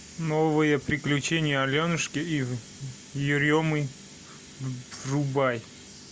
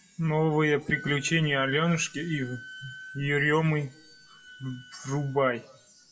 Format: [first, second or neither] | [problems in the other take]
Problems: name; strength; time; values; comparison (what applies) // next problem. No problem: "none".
first | noise reduction (classical method WPE with log-MMSE)